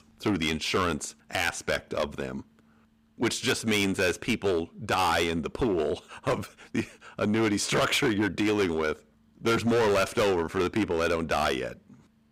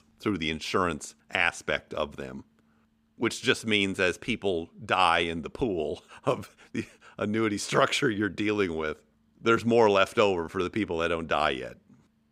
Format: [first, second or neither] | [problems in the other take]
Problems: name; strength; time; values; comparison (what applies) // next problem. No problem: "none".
second | distortion; heavy; 11% of the sound clipped